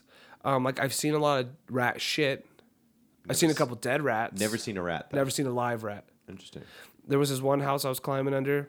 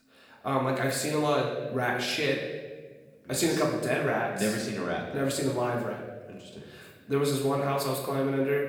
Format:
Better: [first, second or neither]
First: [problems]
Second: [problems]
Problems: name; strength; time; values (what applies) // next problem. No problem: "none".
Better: first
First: none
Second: room echo; noticeable; dies away in 1 s // off-mic speech; far